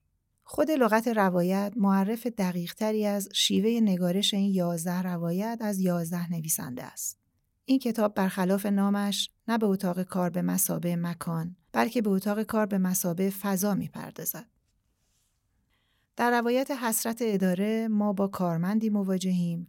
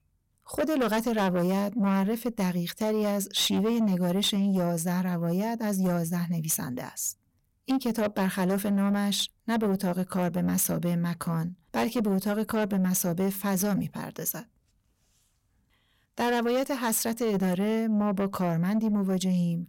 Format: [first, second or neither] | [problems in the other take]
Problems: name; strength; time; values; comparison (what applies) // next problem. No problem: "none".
first | distortion; slight; 10 dB below the speech